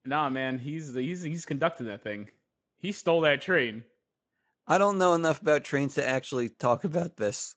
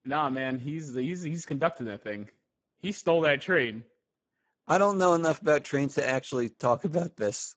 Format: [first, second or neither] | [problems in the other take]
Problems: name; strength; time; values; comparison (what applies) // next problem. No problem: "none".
first | garbled, watery; badly; nothing above 7.5 kHz; slightly in the first